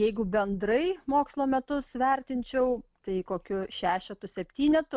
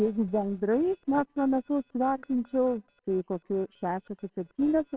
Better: first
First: none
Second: noise reduction (neural separator model SepFormer WHAMR!)

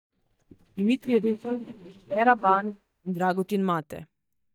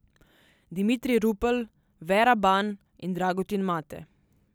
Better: second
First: noise reduction (neural mask model DeepFilterNet 3)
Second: none

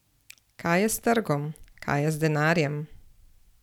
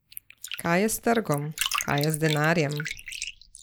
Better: first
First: none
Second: noise reduction (neural mask model Resemble Enhance denoiser)

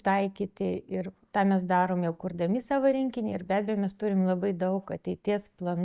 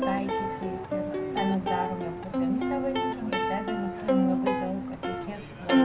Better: first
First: none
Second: background sound (Plucked string instrument); 5 dB above the speech // room echo; dies away in 0.1 s

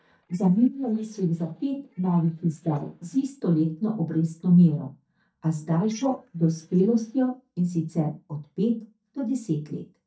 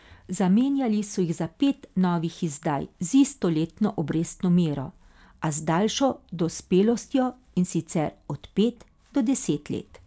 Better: second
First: noise reduction (neural mask model DeepFilterNet 3)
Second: none

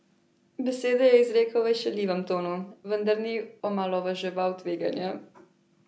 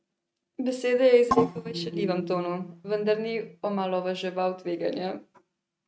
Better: first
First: none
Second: noise reduction (neural mask model RNNoise)

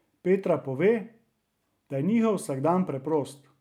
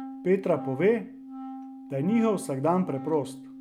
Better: first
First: none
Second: background sound (Wind instrument, woodwind instrument); 12 dB below the speech

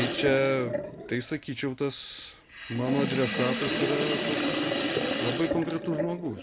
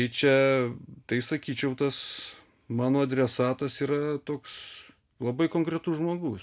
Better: second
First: background sound (Sink (filling or washing)); 1 dB below the speech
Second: none

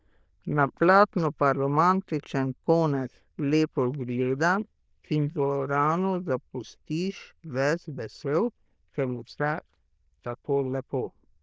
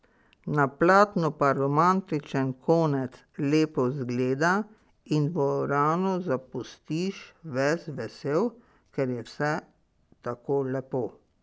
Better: second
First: noise reduction (neural diffusion model UNIVERSE++)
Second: none

